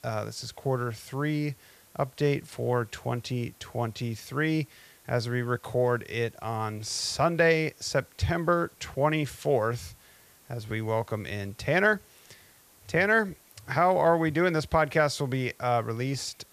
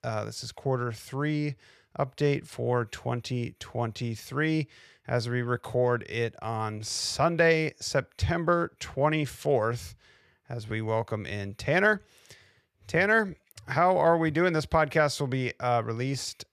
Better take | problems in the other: second | hiss; faint; throughout; 30 dB below the speech

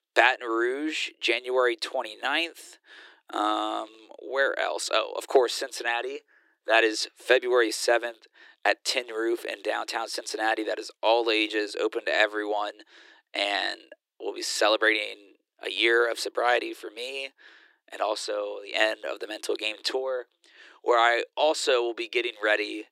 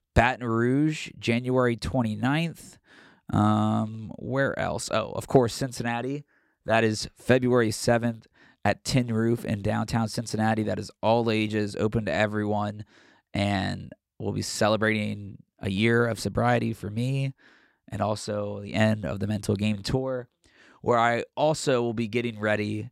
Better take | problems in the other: second | thin; very; fading below 350 Hz

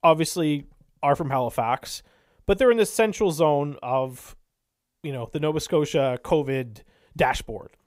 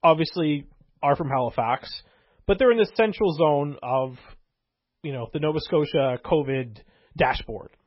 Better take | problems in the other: first | garbled, watery; badly; nothing above 5.5 kHz

